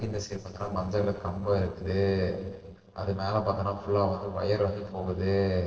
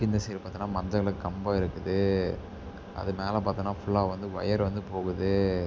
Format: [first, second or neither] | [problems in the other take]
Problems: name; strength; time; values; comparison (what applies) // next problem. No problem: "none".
second | noise reduction (neural separator model SepFormer DNS4)